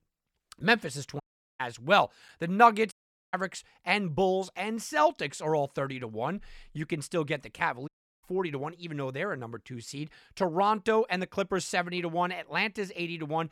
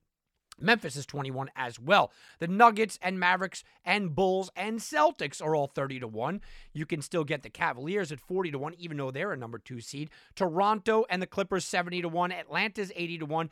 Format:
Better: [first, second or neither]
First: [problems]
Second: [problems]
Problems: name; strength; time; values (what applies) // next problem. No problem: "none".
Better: second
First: audio cutting out; at 1 s, at 3 s and at 8 s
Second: none